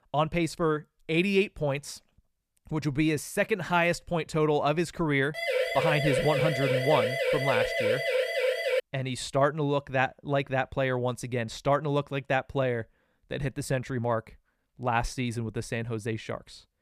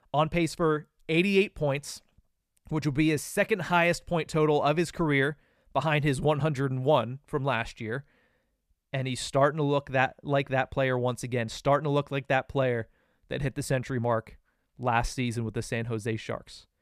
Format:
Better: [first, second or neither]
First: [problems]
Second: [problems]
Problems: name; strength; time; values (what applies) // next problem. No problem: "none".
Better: second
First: siren; loud; from 5.5 to 9 s; peak 2 dB above the speech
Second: none